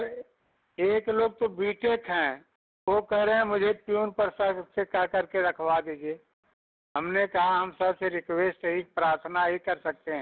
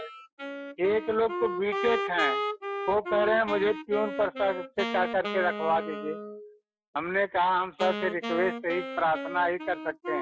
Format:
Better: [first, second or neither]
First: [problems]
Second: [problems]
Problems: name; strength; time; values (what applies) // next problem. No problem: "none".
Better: first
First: none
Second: noise reduction (classical method Wiener filter)